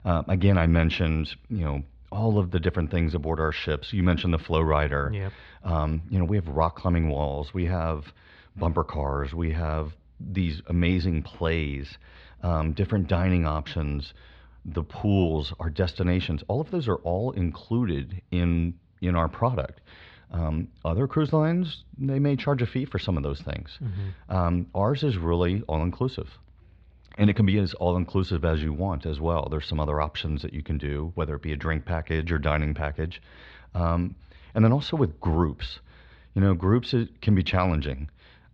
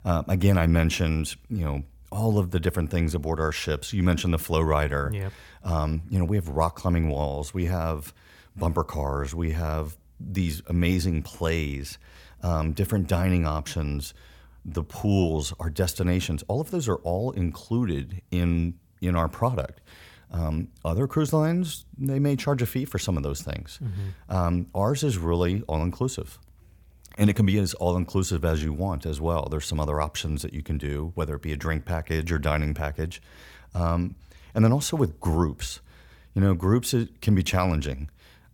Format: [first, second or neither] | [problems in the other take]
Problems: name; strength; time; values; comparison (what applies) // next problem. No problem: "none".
second | muffled; slightly; fading above 4 kHz